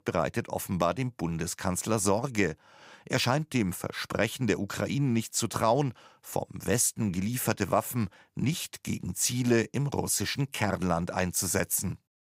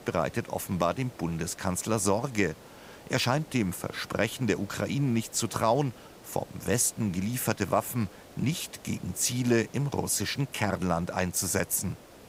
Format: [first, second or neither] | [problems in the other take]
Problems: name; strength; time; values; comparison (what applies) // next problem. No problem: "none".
first | hiss; faint; throughout; 20 dB below the speech